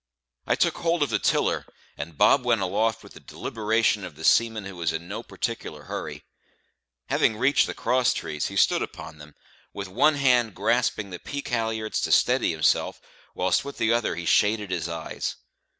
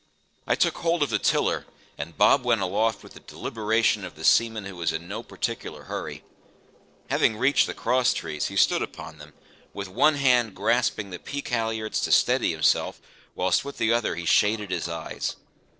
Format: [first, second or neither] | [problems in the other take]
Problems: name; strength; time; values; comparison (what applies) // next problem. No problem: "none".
first | noise reduction (neural separator model SepFormer DNS4)